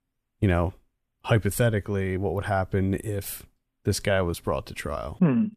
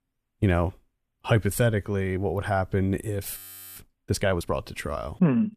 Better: first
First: none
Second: audio freezing; at 3.5 s

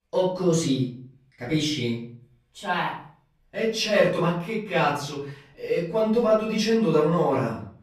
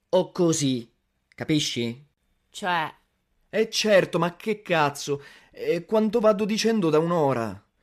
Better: second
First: off-mic speech; far // room echo; noticeable; dies away in 0.5 s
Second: none

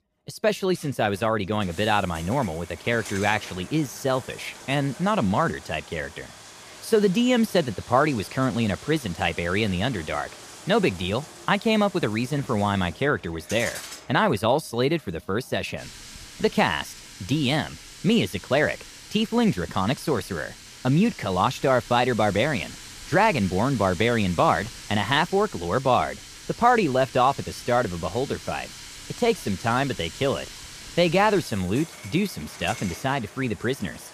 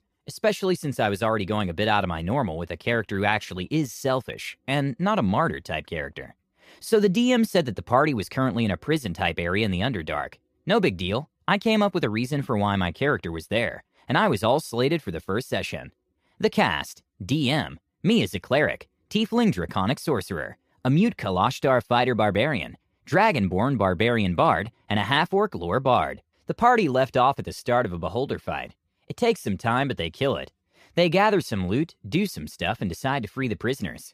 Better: second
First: household noises; noticeable; throughout; 15 dB below the speech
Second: none

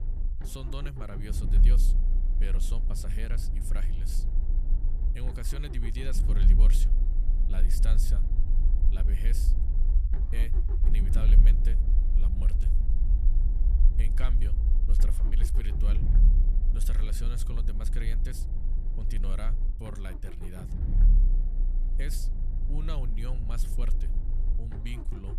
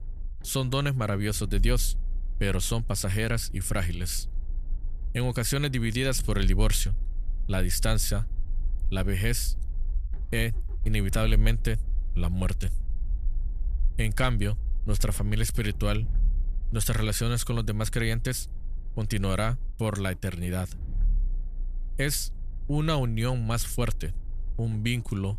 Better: second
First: low rumble; loud; throughout; 4 dB below the speech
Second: low rumble; faint; throughout; 25 dB below the speech

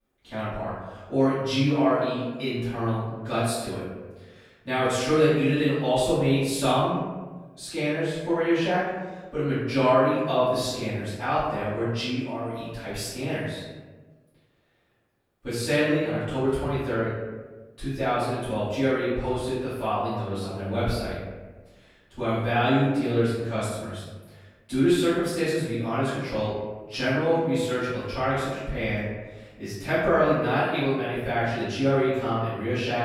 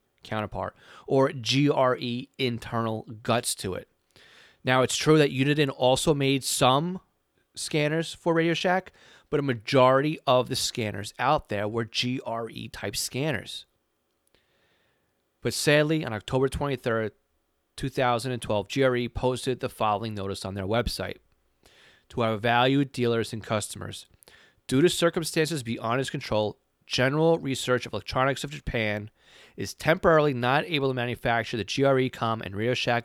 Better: second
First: off-mic speech; far // room echo; strong; dies away in 1.1 s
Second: none

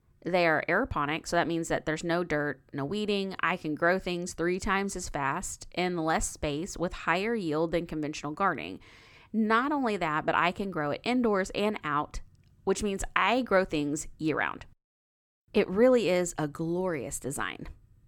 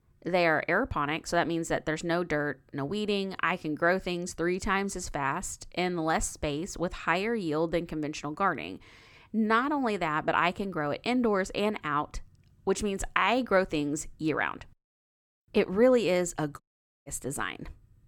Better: first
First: none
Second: audio cutting out; at 17 s

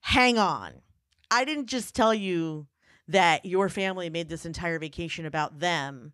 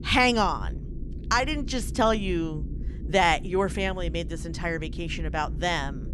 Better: first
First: none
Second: low rumble; faint; throughout; 20 dB below the speech

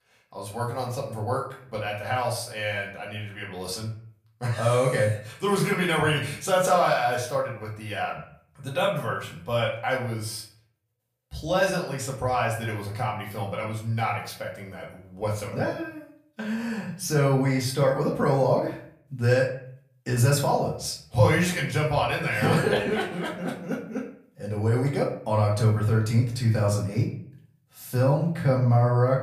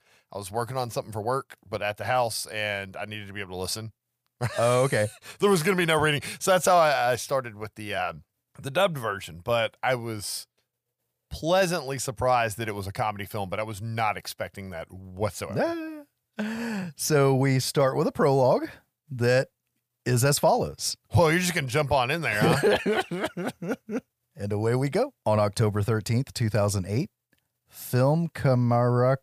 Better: second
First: off-mic speech; far // room echo; slight; dies away in 0.5 s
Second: none

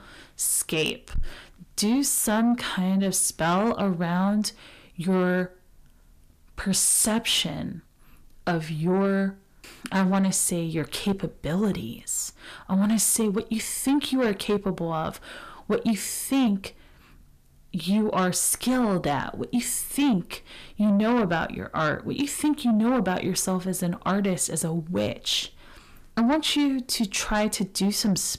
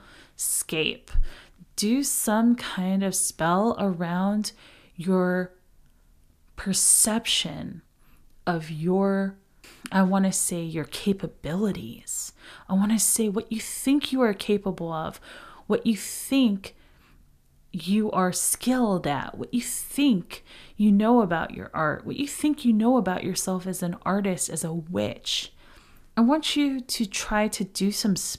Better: second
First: distortion; slight; 10 dB below the speech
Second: none

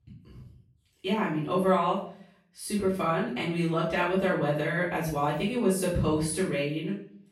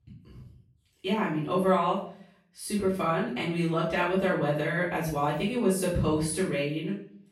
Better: neither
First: off-mic speech; far // room echo; noticeable; dies away in 0.5 s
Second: off-mic speech; far // room echo; noticeable; dies away in 0.5 s

